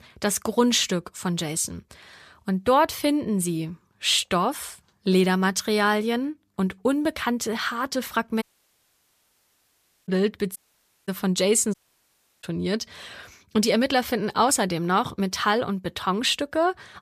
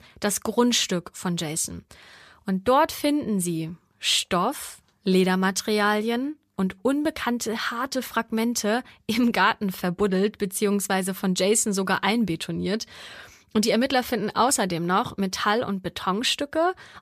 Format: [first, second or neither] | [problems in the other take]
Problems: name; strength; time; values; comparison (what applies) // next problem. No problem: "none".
second | audio cutting out; at 8.5 s for 1.5 s, at 11 s for 0.5 s and at 12 s for 0.5 s